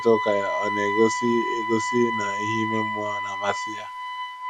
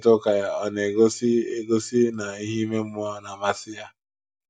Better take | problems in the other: second | background sound (Wind instrument, woodwind instrument); 2 dB below the speech

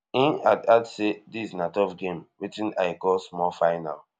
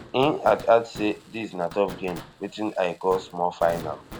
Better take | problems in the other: first | background sound (Fireworks); 17 dB below the speech

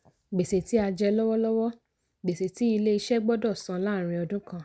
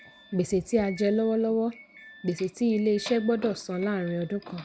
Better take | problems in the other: first | background sound (Doorbell); 19 dB below the speech

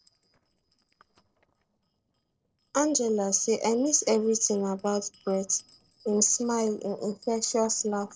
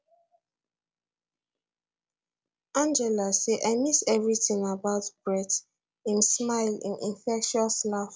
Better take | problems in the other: second | noise reduction (neural separator model SepFormer DNS4)

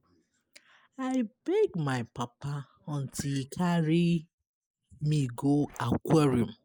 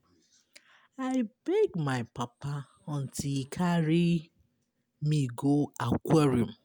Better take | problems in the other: second | noise reduction (neural mask model Resemble Enhance denoiser)

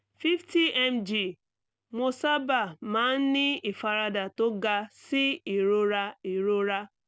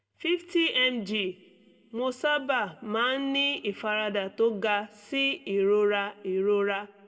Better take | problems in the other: first | room echo; dies away in 0.4 s

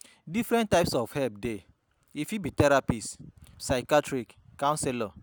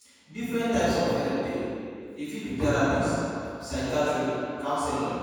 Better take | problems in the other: first | room echo; dies away in 2.1 s

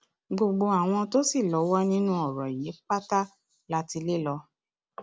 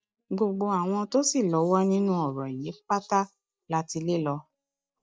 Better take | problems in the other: first | noise reduction (neural mask model DeepFilterNet 3)

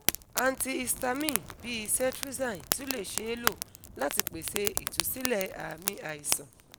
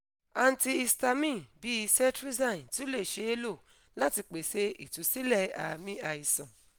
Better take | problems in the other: second | background sound (Fire); 2 dB below the speech

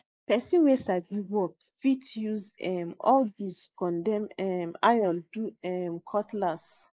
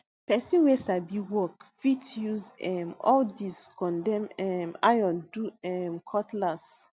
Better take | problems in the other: second | noise reduction (neural mask model Resemble Enhance denoiser)

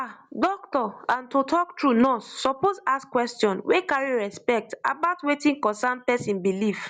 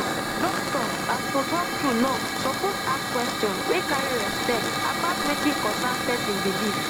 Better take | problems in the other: first | background sound (Hiss / Fire); 1 dB above the speech

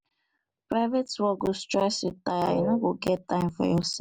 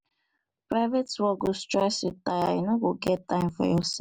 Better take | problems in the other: second | background sound (Wind instrument, woodwind instrument); 5 dB below the speech

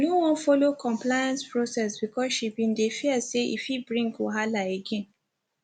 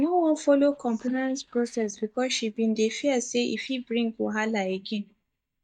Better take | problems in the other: first | noise reduction (neural mask model DeepFilterNet 3)

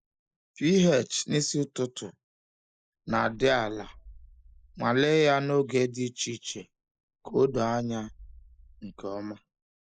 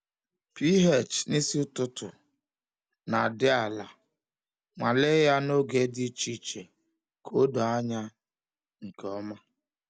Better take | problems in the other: second | noise reduction (neural mask model Resemble Enhance denoiser)

